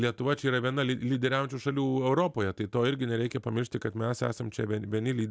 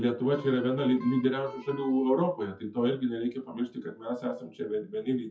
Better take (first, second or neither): first